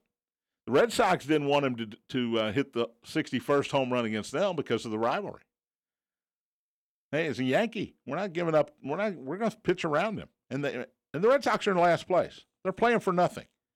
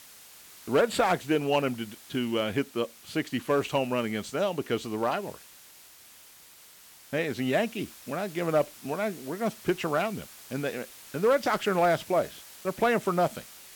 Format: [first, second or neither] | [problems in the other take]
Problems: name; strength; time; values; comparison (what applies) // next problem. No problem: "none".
first | hiss; noticeable; throughout; 20 dB below the speech